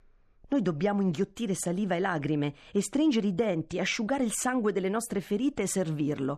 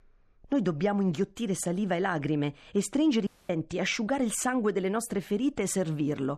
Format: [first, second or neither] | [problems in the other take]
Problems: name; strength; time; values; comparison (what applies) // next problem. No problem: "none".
first | audio cutting out; at 3.5 s